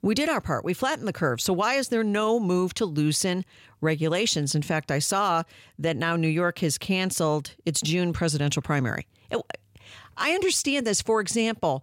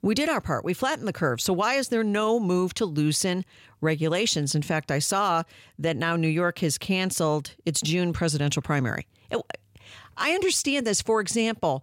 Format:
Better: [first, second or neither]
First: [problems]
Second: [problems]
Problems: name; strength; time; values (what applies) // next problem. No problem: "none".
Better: neither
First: none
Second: none